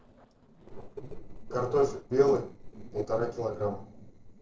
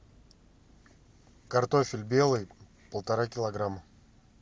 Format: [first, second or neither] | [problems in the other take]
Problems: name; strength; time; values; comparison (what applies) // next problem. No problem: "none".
second | noise reduction (neural separator model SepFormer DNS4)